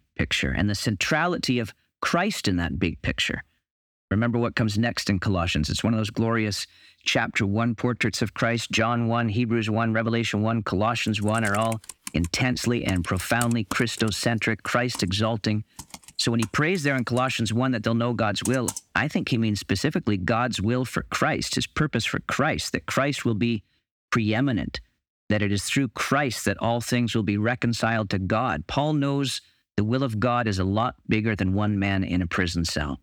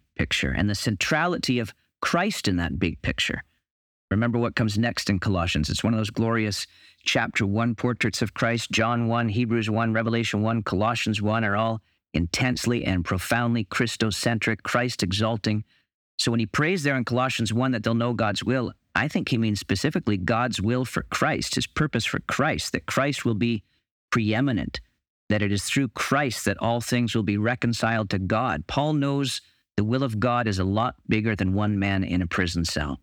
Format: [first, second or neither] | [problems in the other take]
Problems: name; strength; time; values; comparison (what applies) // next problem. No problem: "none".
second | keyboard typing; noticeable; from 11 to 19 s; peak 6 dB below the speech